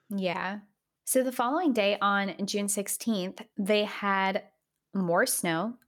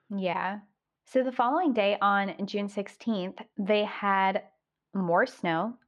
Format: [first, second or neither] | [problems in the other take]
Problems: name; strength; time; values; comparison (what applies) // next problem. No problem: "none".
first | muffled; slightly; fading above 3.5 kHz